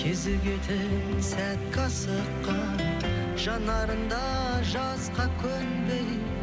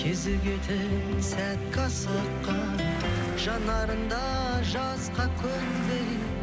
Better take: first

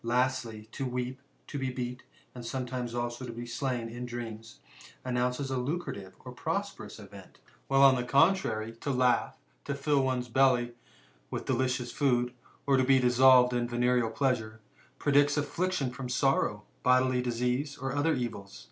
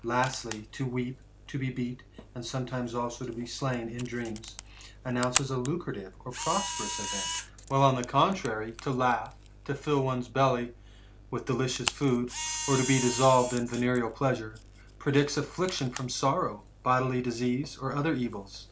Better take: first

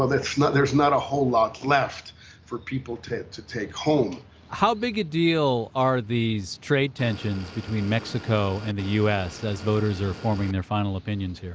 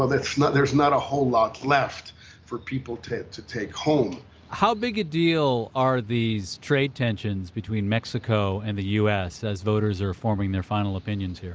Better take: second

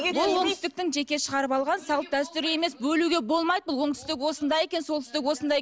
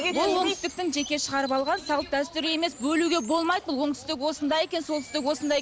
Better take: first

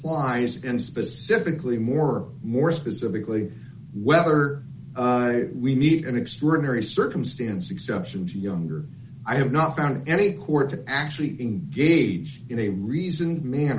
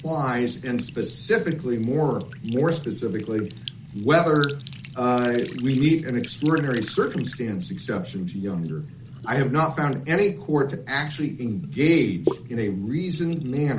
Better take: first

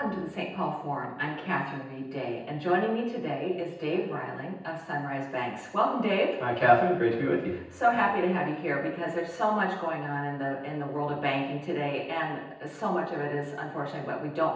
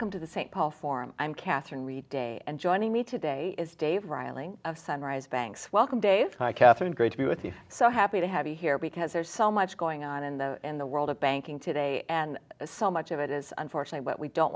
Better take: second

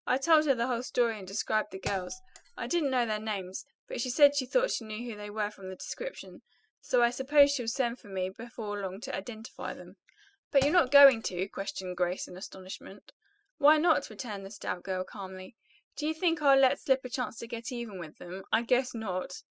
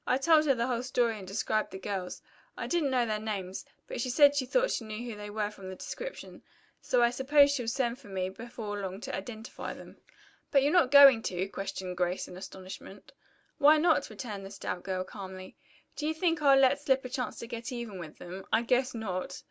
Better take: second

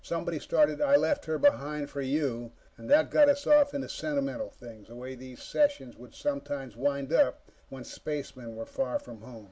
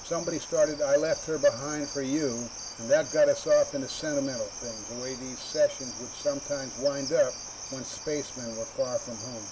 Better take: first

